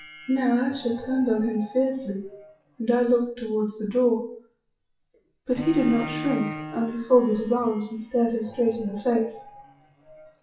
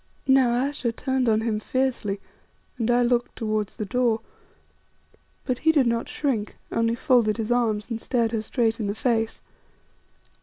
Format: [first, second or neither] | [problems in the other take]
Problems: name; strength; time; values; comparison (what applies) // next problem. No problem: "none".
second | noise reduction (classical method WPE with log-MMSE)